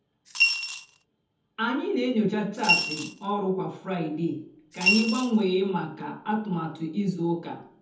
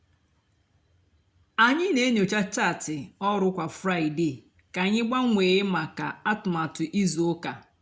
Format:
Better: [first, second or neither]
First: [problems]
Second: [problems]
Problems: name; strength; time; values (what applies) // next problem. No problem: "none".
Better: second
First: background sound (Coin (dropping) / Glass); 1 dB above the speech // room echo; dies away in 0.7 s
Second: none